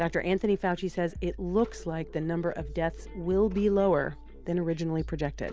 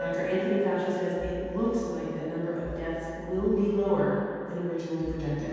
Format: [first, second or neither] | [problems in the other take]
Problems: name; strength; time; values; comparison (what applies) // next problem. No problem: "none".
first | background sound (Chink, clink); 10 dB below the speech // room echo; dies away in 2.1 s